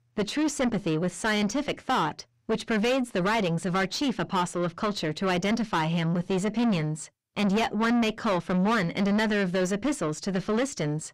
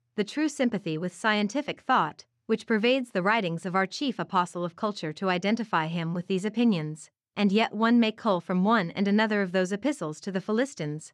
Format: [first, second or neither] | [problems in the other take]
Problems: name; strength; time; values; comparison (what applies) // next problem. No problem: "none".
second | distortion; heavy; 5 dB below the speech